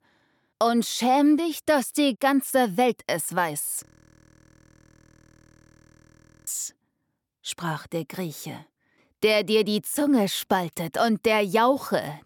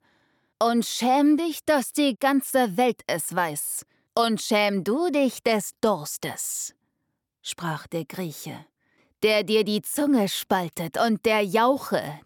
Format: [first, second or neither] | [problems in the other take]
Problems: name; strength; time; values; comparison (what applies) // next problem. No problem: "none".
second | audio freezing; at 4 s for 2.5 s